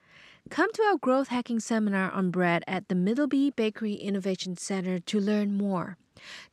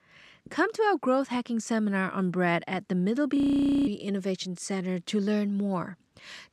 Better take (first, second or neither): first